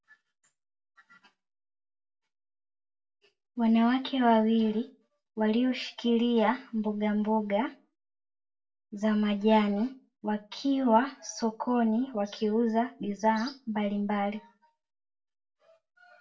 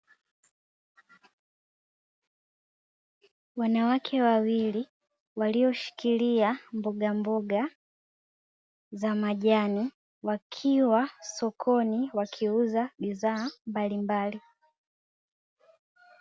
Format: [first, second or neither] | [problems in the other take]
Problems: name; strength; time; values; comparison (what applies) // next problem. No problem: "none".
second | room echo; dies away in 0.2 s